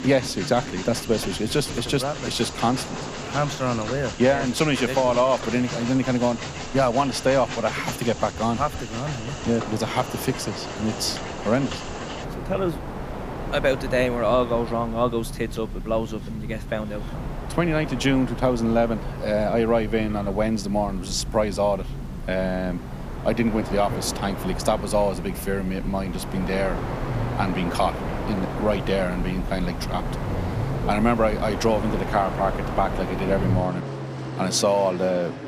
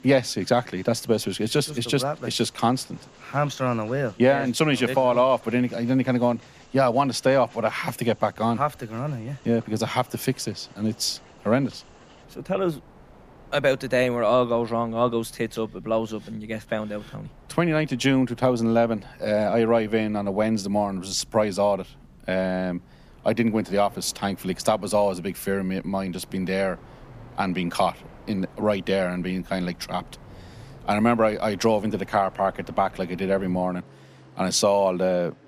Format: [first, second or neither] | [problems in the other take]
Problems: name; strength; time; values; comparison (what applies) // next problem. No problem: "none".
second | train or aircraft noise; loud; throughout; 7 dB below the speech; faint in the second